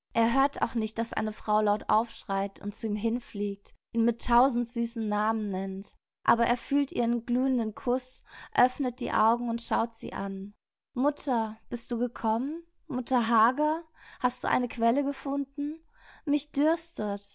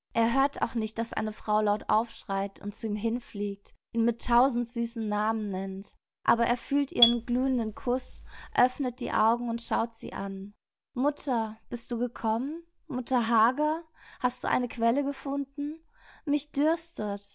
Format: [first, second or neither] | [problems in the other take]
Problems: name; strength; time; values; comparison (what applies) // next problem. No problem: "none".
first | background sound (Marimba, xylophone); 2 dB below the speech